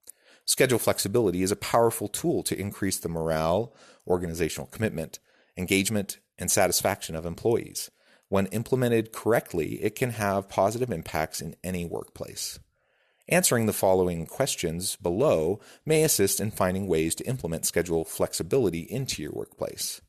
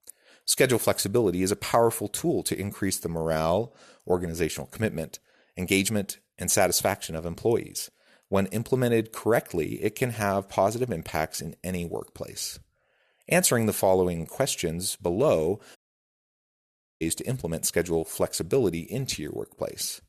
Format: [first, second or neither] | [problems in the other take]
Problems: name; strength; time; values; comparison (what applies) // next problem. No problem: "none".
first | audio cutting out; at 16 s for 1.5 s